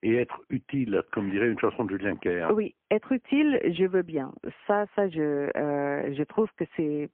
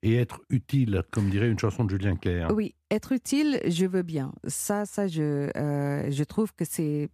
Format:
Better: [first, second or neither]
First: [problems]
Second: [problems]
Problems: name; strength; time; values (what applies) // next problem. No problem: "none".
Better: second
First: phone-call audio; poor line; nothing above 3.5 kHz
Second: none